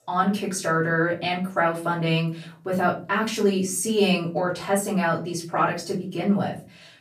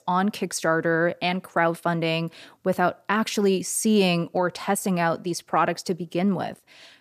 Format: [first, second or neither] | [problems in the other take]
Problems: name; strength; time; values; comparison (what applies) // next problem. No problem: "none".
second | room echo; slight; dies away in 0.4 s // off-mic speech; far